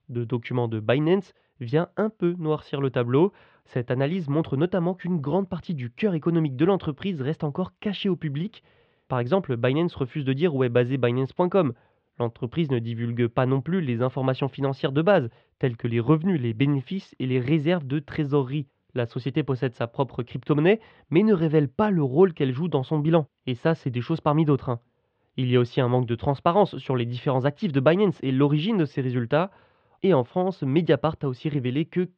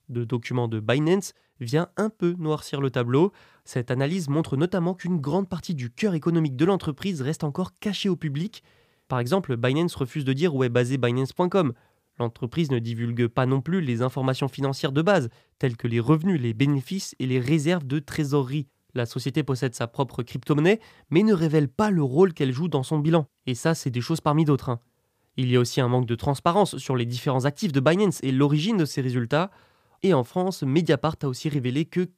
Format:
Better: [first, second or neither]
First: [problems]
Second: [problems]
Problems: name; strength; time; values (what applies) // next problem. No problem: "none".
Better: second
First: muffled; very; fading above 3 kHz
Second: none